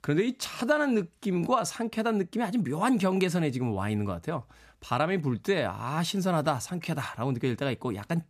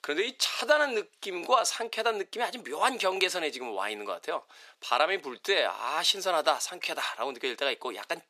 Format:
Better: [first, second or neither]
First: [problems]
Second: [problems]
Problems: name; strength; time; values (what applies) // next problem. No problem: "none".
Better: first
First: none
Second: thin; very; fading below 400 Hz